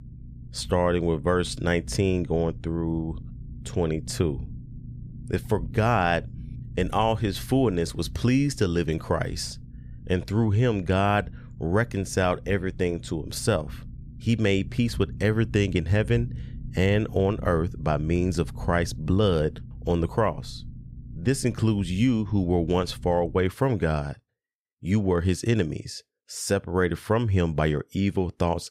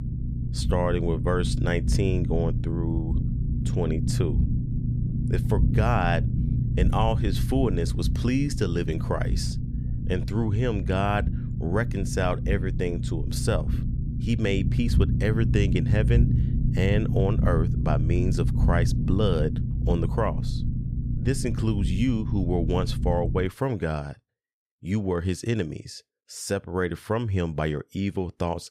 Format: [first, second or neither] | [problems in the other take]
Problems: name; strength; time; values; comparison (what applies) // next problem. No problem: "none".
first | low rumble; loud; until 23 s; 8 dB below the speech; faint in the first